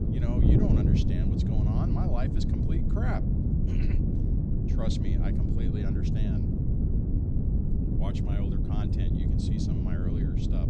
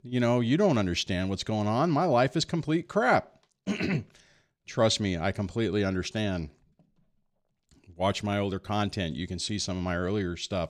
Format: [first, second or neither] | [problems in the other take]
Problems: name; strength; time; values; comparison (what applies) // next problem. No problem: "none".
second | wind noise on the microphone; heavy; 5 dB above the speech